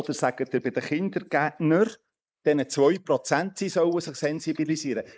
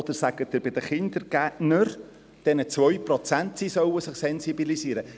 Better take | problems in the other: second | noise reduction (neural mask model Resemble Enhance denoiser)

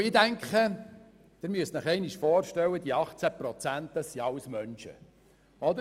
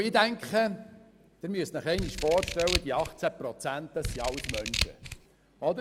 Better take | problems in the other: first | background sound (Scissors); 4 dB below the speech

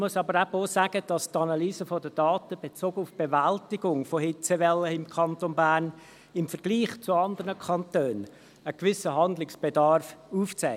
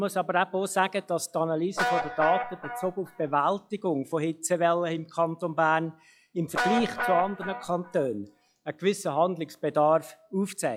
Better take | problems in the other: first | noise reduction (classical method log-MMSE)

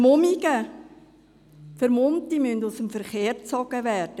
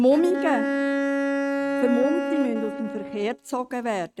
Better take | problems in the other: first | noise reduction (neural mask model RNNoise)

